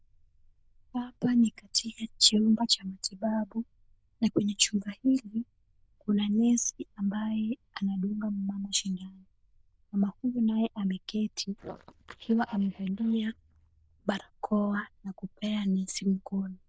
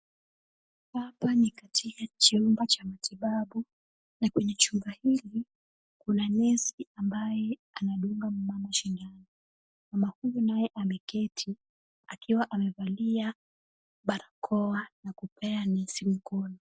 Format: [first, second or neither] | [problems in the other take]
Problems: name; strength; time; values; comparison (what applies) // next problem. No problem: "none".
second | noise reduction (neural diffusion model UNIVERSE++)